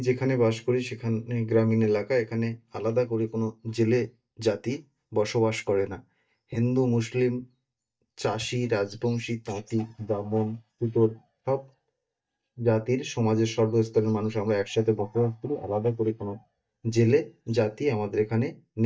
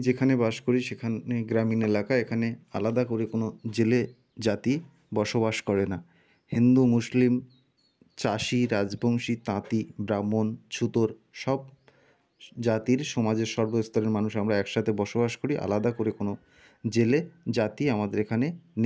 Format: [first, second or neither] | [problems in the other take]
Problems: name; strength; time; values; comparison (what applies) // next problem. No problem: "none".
second | noise reduction (neural mask model DeepFilterNet 3)